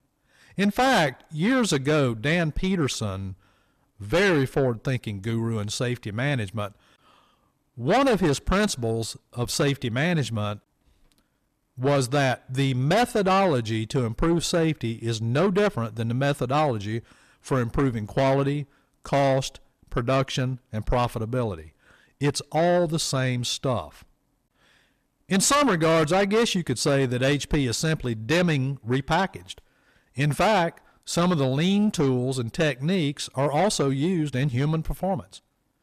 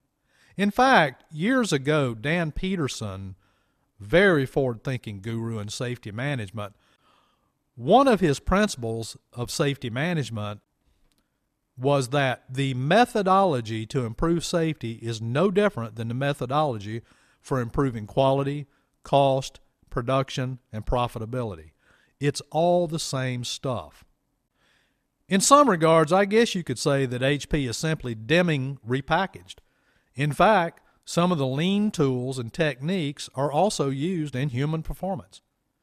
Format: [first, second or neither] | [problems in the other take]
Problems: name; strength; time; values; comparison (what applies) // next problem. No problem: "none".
second | distortion; heavy; 8 dB below the speech